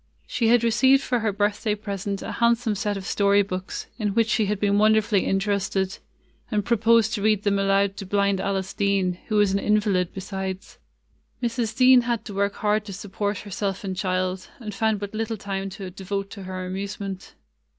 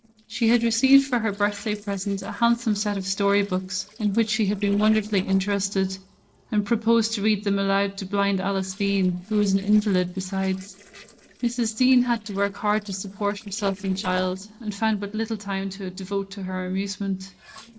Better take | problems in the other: first | noise reduction (neural separator model SepFormer DNS4)

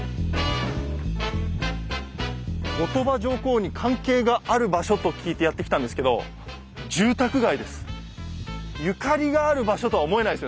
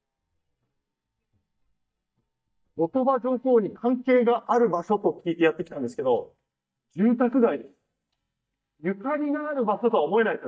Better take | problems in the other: first | noise reduction (neural mask model DeepFilterNet 3)

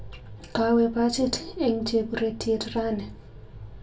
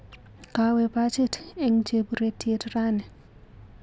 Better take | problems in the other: second | room echo; dies away in 0.2 s

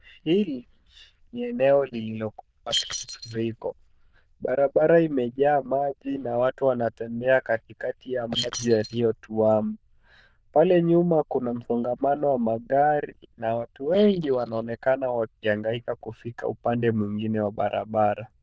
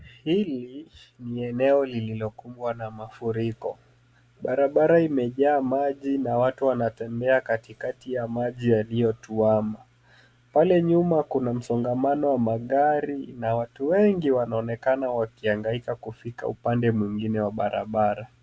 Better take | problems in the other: second | noise reduction (neural diffusion model UNIVERSE++)

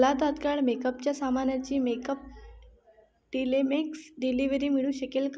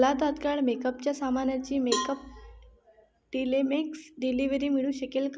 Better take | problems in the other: first | background sound (Cowbell); 9 dB below the speech

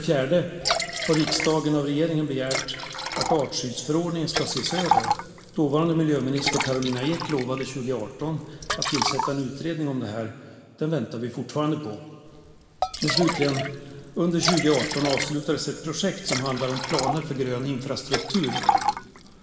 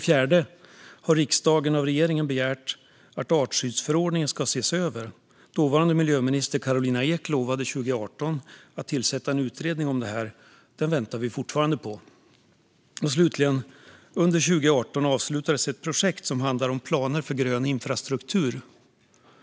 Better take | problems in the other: second | background sound (Liquid); 4 dB below the speech // room echo; dies away in 2.2 s

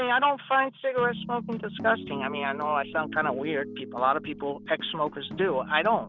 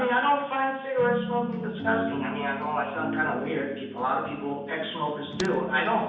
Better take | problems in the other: first | background sound (Crack); 16 dB below the speech // room echo; dies away in 0.9 s

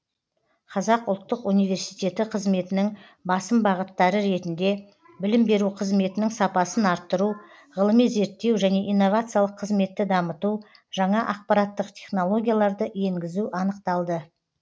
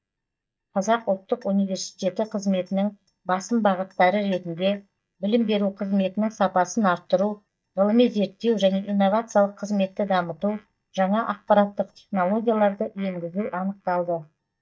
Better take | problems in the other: first | noise reduction (neural mask model DeepFilterNet 3)

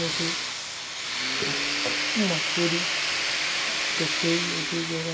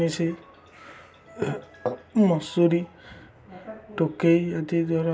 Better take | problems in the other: second | background sound (Tools); 5 dB above the speech

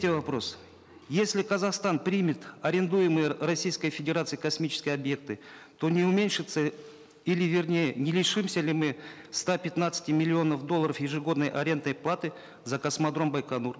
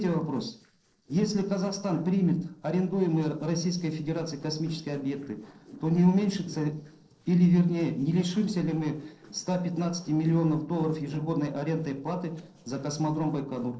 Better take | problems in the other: first | noise reduction (neural separator model SepFormer DNS4)

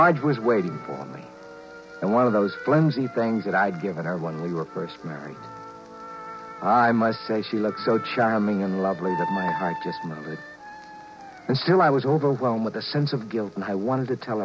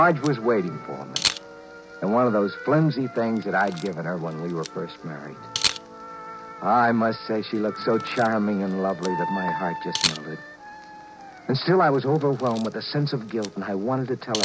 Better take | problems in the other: first | background sound (Camera); 11 dB below the speech

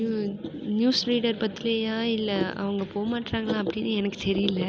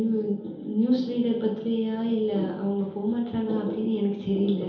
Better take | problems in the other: first | room echo; dies away in 0.8 s

